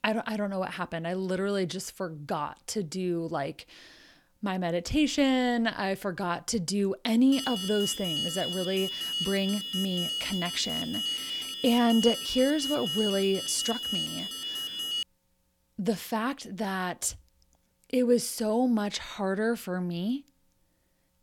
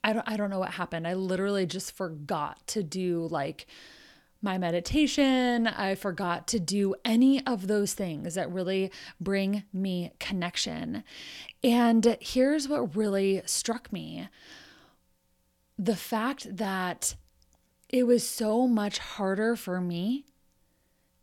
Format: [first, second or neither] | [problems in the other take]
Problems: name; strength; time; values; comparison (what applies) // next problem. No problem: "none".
second | alarm; noticeable; from 7.5 to 15 s; peak level with the speech